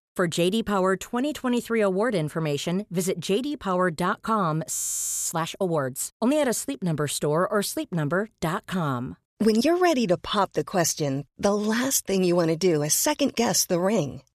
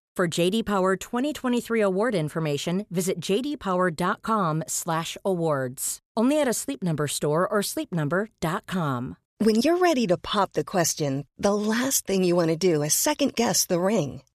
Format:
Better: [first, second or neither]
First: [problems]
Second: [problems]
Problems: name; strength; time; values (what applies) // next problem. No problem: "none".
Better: second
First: audio freezing; at 4.5 s for 0.5 s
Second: none